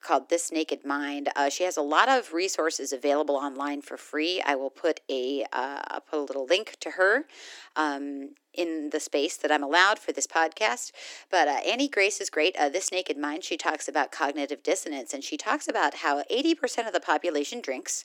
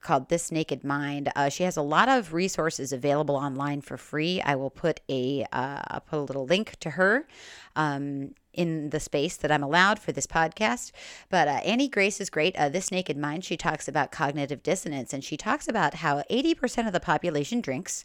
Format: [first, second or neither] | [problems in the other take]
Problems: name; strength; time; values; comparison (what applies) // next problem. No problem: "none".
second | thin; very slightly; fading below 300 Hz